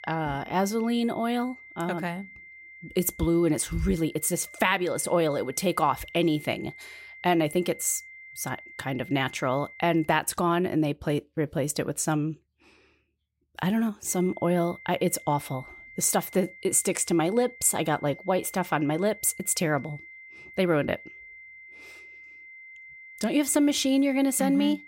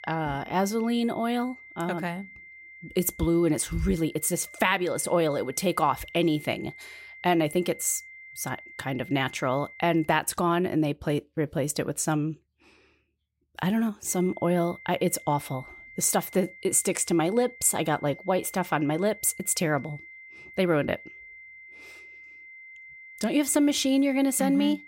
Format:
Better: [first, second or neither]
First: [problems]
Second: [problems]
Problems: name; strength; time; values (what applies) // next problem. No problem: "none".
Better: neither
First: high-pitched whine; noticeable; until 10 s and from 14 s on; 2 kHz, 20 dB below the speech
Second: high-pitched whine; noticeable; until 10 s and from 14 s on; 2 kHz, 20 dB below the speech